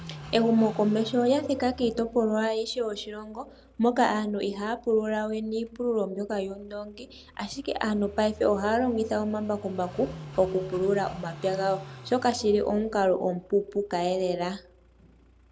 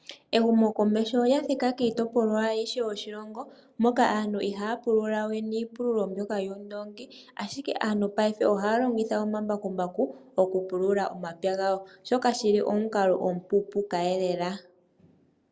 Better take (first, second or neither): second